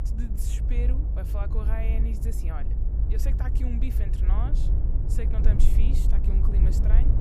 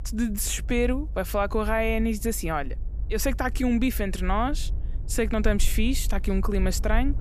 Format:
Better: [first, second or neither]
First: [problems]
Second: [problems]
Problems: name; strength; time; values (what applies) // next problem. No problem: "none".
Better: second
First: low rumble; loud; throughout; 1 dB below the speech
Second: low rumble; faint; throughout; 25 dB below the speech